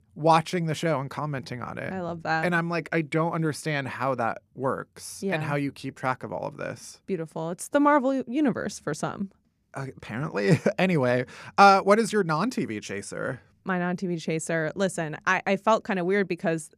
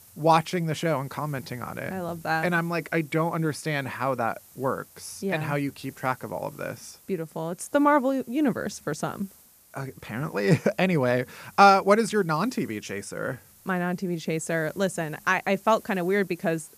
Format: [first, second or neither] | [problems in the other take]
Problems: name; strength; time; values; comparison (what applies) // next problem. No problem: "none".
first | hiss; faint; throughout; 25 dB below the speech